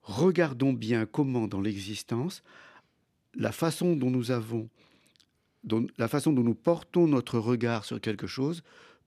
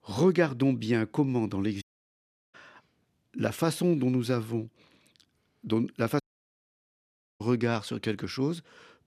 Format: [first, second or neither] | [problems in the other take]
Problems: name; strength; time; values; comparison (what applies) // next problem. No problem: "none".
first | audio cutting out; at 2 s for 0.5 s and at 6 s for 1 s